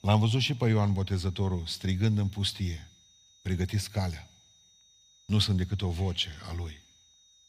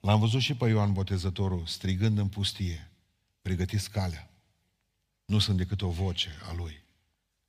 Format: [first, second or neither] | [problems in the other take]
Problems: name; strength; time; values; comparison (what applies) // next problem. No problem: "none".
second | high-pitched whine; faint; throughout; 3.5 kHz, 30 dB below the speech